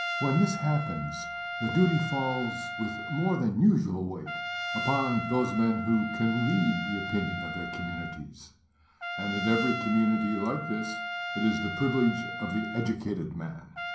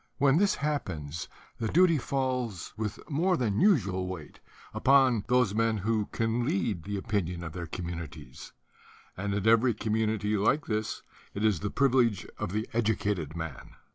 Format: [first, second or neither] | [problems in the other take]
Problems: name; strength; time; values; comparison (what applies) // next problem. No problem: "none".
second | background sound (Trumpet); 7 dB below the speech // room echo; dies away in 0.6 s